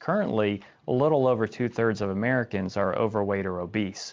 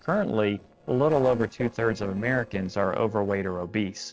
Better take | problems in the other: first | noise reduction (neural separator model SepFormer DNS4)

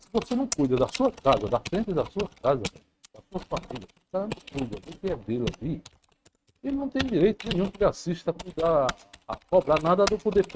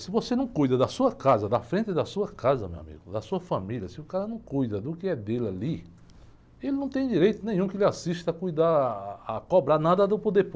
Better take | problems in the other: second | noise reduction (neural mask model RNNoise)

